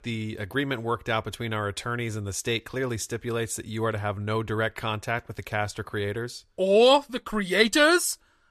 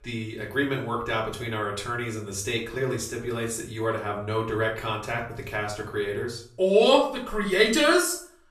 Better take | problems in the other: first | room echo; slight; dies away in 0.4 s // off-mic speech; far

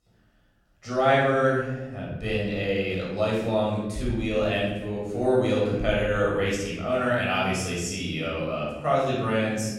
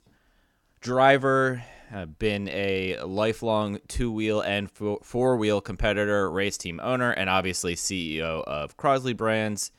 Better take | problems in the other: second | room echo; strong; dies away in 1.4 s // off-mic speech; far

